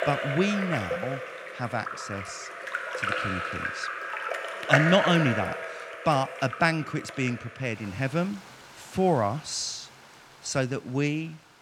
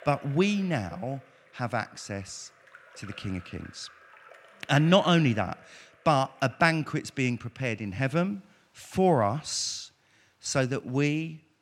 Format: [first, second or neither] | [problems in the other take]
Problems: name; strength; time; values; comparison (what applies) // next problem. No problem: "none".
second | rain or running water; loud; throughout; 3 dB below the speech; faint in the second